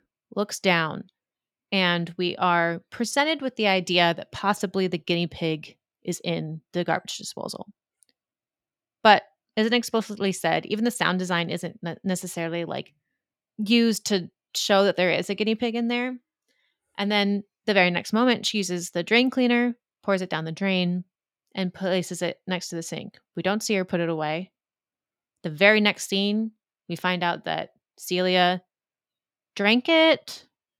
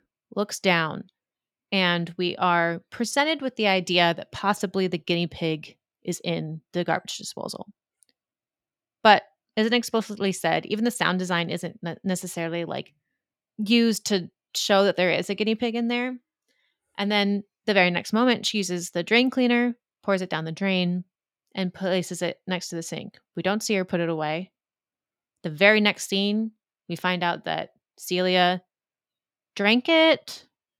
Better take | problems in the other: neither | none

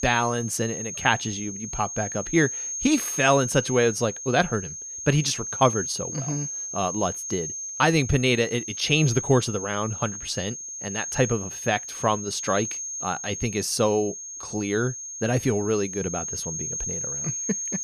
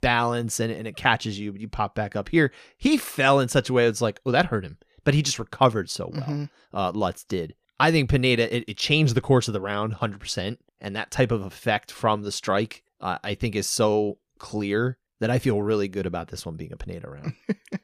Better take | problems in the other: second | high-pitched whine; loud; throughout; 6.5 kHz, 5 dB below the speech

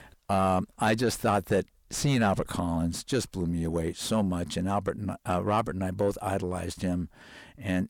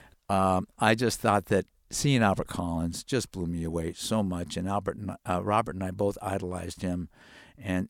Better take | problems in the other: second | distortion; slight; 10 dB below the speech

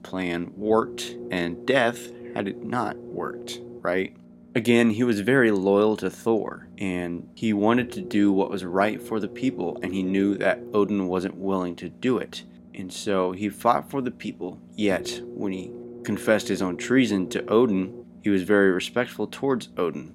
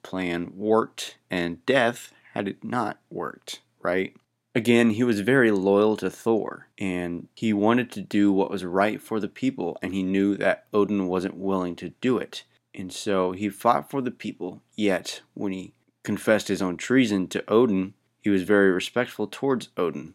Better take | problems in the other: second | low rumble; noticeable; throughout; 15 dB below the speech

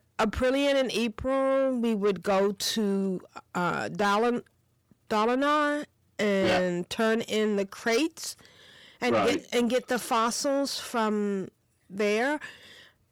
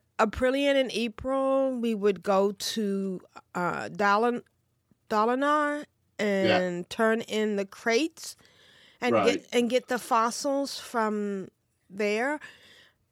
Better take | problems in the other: second | distortion; slight; 10 dB below the speech

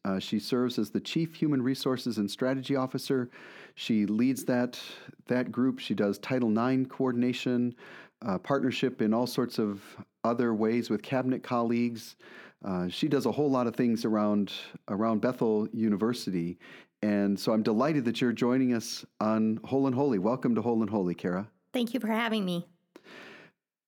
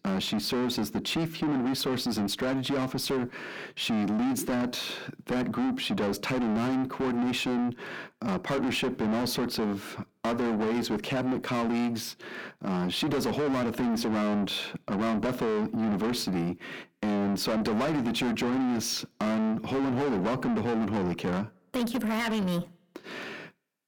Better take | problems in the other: first | distortion; heavy; 6 dB below the speech

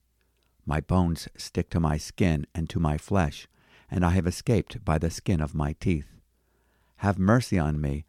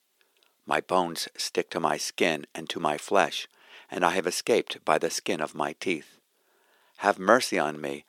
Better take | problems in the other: first | thin; very; fading below 400 Hz

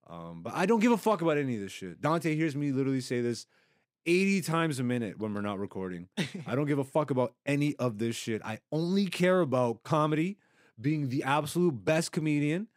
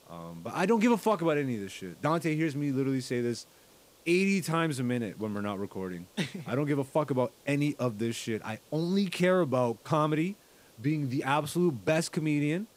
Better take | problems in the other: first | hiss; faint; throughout; 30 dB below the speech

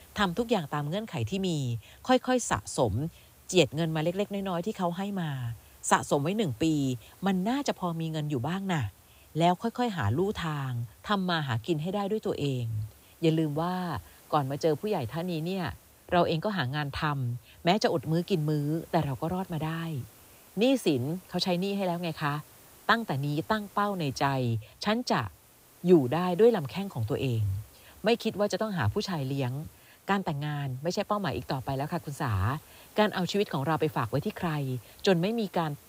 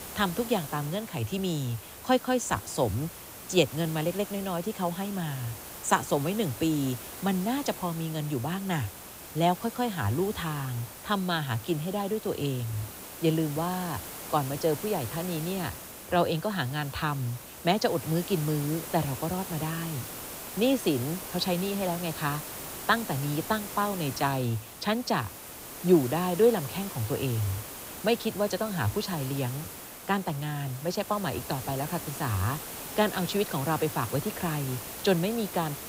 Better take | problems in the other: first | hiss; loud; throughout; 9 dB below the speech; faint in the first

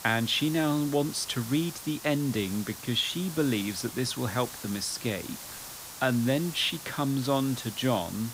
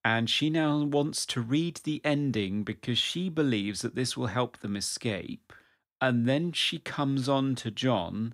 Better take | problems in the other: second | hiss; noticeable; throughout; 10 dB below the speech

